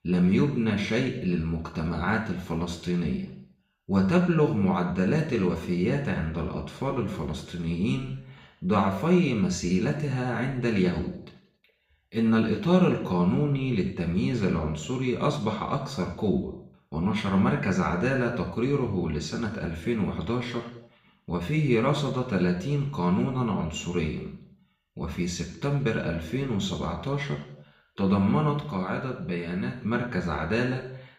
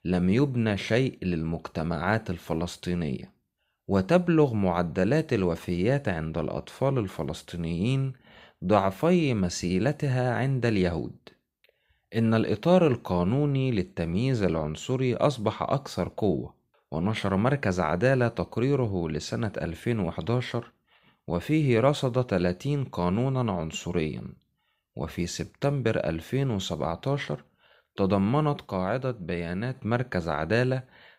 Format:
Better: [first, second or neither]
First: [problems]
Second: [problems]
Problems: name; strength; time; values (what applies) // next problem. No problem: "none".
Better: second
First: room echo; slight; dies away in 0.7 s // off-mic speech; somewhat distant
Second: none